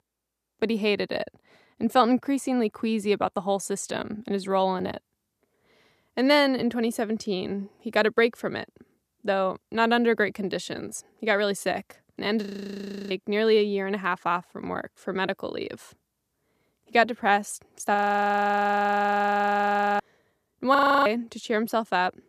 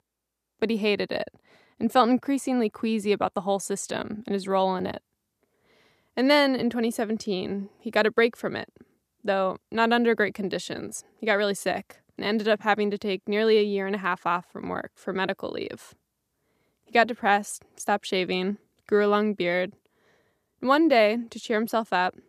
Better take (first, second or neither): second